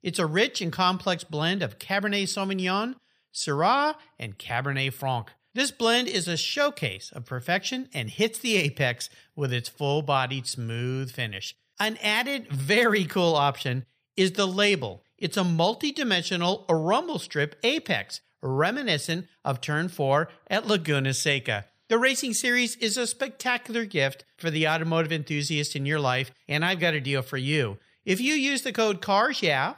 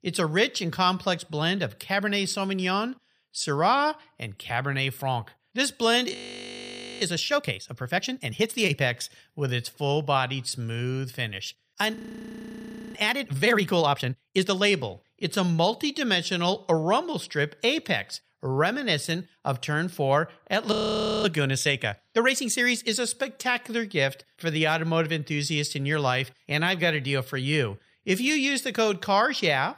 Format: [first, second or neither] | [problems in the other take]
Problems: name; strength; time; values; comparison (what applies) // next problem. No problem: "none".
first | audio freezing; at 6 s for 1 s, at 12 s for 1 s and at 21 s for 0.5 s